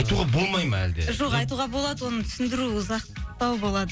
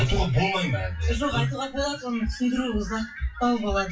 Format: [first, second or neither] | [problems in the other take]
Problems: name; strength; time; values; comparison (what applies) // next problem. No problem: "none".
first | noise reduction (classical method WPE with log-MMSE)